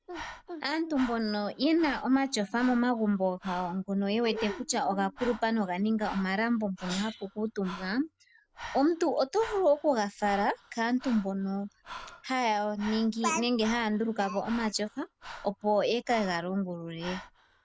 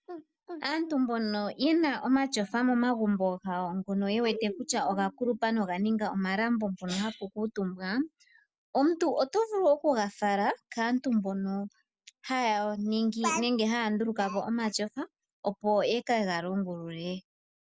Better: second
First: background sound (Breathing); 17 dB below the speech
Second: none

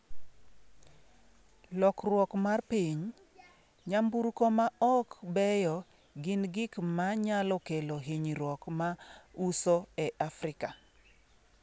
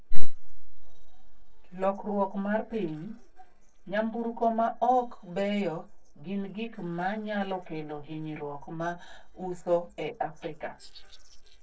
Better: first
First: none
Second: noise reduction (neural separator model SepFormer DNS4)

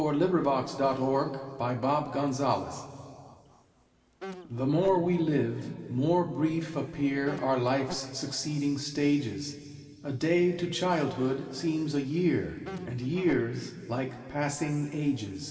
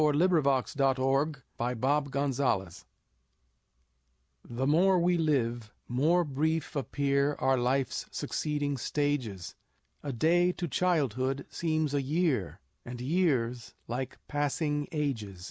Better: second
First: background sound (Insect); 17 dB below the speech // room echo; dies away in 2.5 s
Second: none

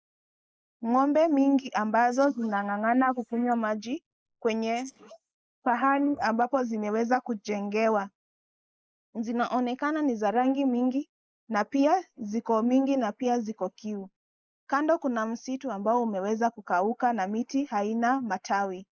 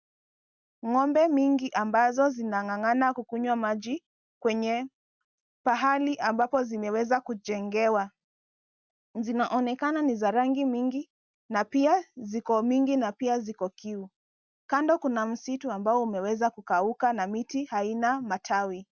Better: second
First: noise reduction (neural mask model Resemble Enhance denoiser)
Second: none

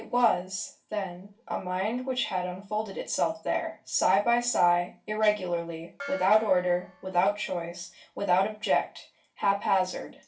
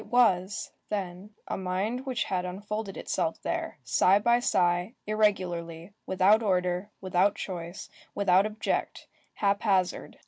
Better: second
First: background sound (Gong); 19 dB below the speech // room echo; dies away in 0.3 s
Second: none

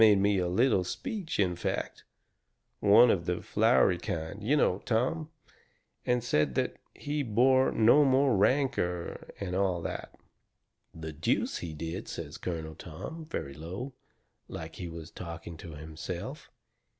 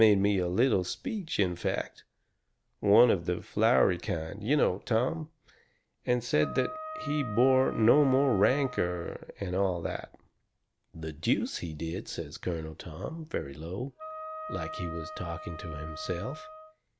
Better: first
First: none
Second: background sound (Wind instrument, woodwind instrument); 11 dB below the speech

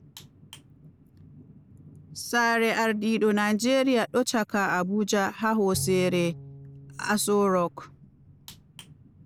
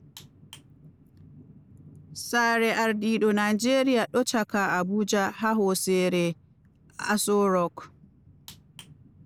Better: second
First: background sound (Bowed string instrument); 14 dB below the speech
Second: none

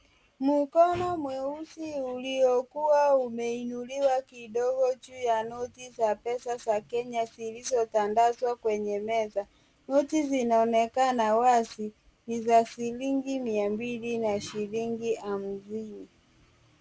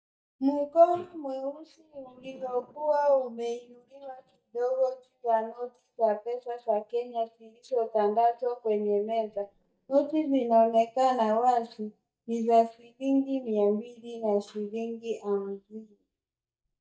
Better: first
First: none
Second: noise reduction (neural mask model DeepFilterNet 3)

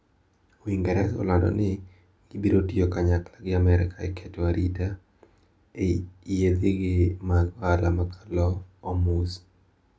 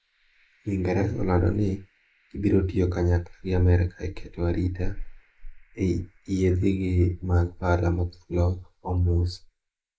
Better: first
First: none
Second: noise reduction (neural mask model Resemble Enhance denoiser)

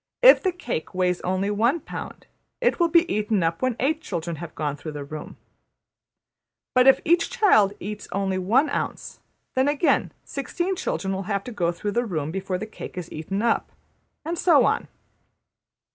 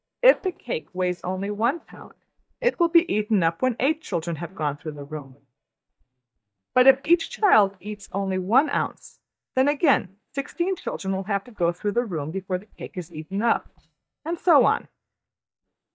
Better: first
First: none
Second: noise reduction (neural mask model DeepFilterNet 3)

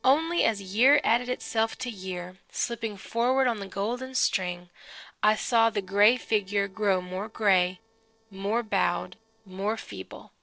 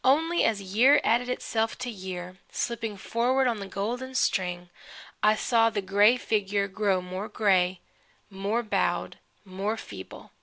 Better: second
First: noise reduction (neural separator model SepFormer DNS4)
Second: none

